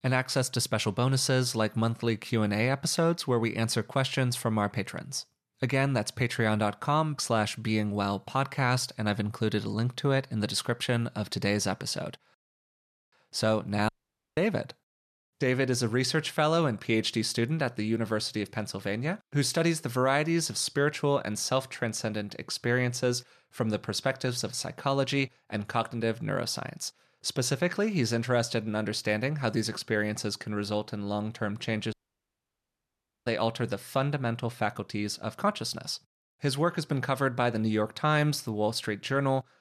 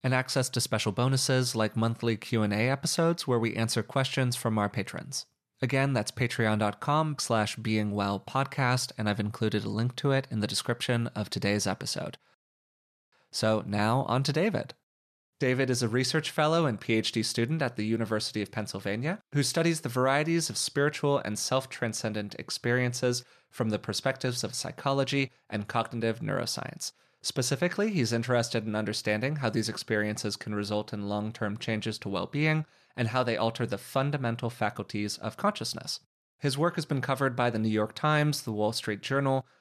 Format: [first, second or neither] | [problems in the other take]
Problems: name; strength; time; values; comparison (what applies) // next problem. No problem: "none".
second | audio cutting out; at 14 s and at 32 s for 1.5 s